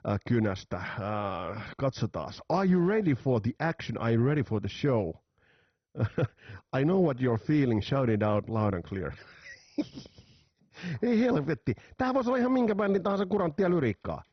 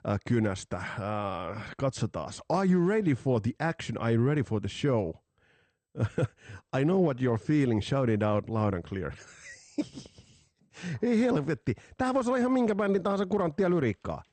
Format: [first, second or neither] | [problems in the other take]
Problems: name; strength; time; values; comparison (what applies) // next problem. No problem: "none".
second | garbled, watery; badly; nothing above 6 kHz; slightly in the second